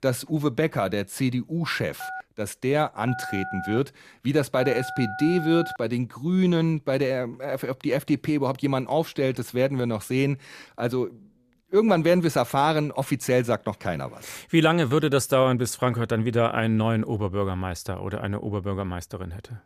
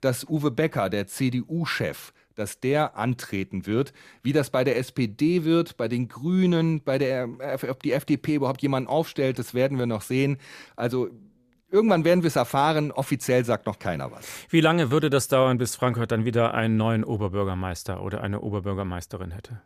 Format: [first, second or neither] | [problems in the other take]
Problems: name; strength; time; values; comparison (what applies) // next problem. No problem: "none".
second | phone ringing; noticeable; from 2 to 6 s; peak 8 dB below the speech